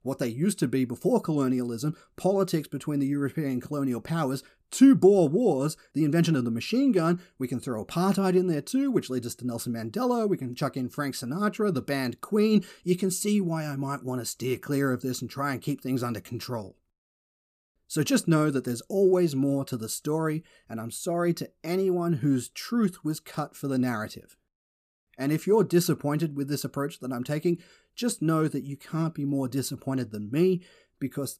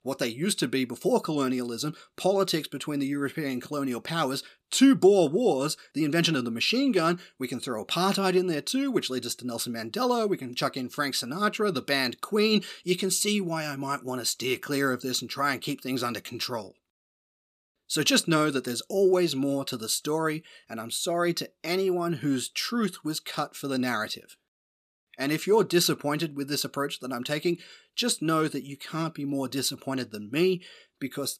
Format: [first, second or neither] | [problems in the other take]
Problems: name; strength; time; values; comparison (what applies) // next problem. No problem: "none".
first | thin; very slightly; fading below 700 Hz